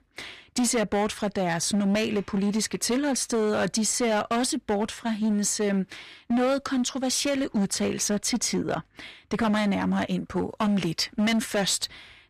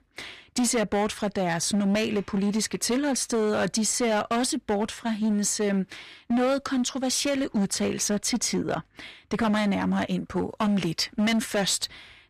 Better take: neither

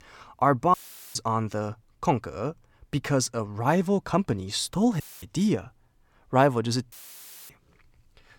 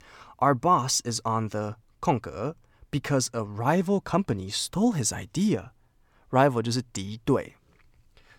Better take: second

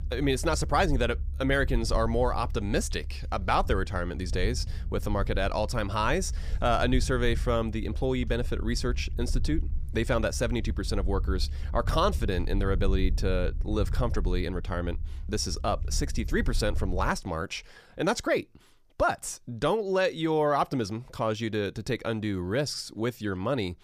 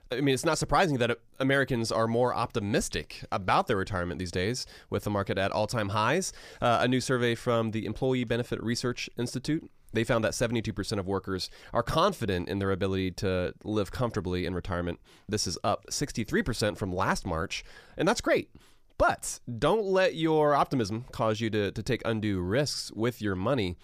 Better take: second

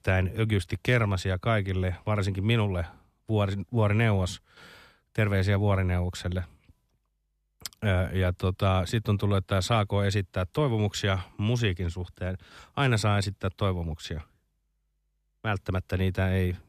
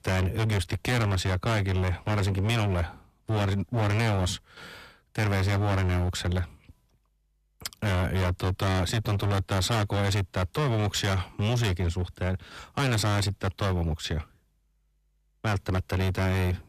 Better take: first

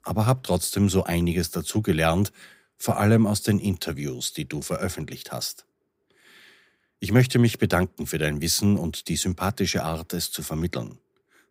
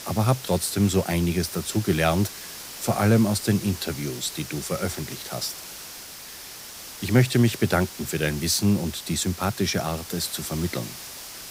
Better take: first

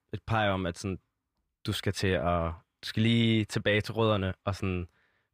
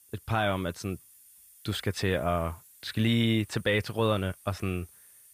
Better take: first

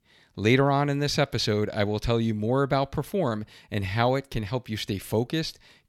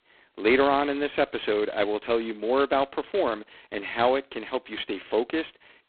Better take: first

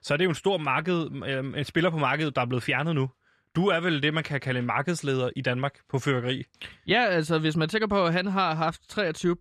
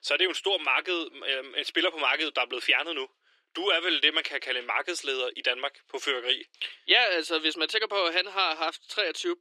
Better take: first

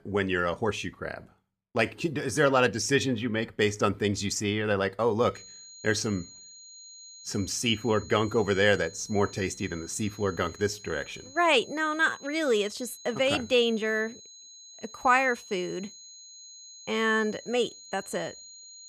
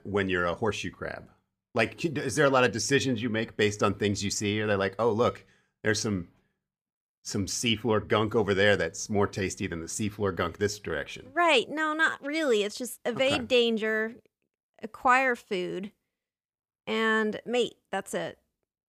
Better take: second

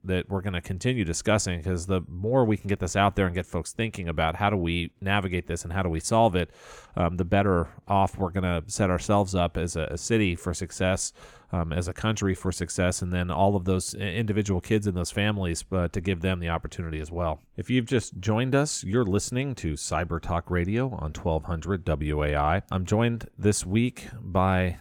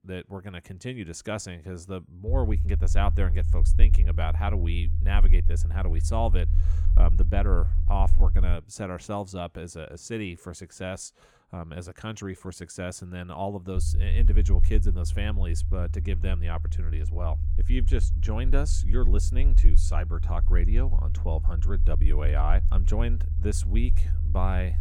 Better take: first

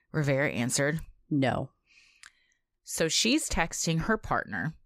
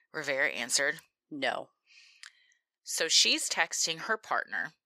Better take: first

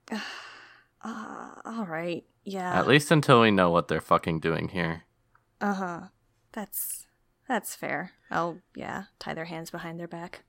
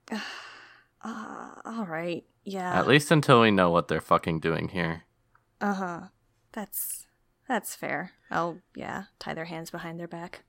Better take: neither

